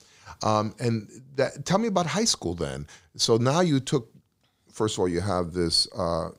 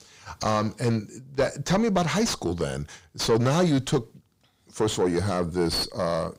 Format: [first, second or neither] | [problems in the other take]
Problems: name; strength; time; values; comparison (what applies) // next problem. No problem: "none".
first | distortion; heavy; 6 dB below the speech